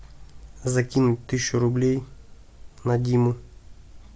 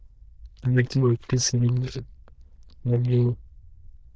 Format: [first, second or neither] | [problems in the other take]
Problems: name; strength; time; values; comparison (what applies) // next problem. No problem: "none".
first | noise reduction (neural diffusion model UNIVERSE++)